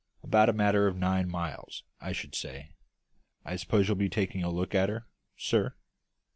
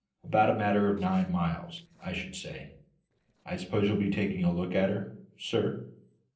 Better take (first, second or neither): first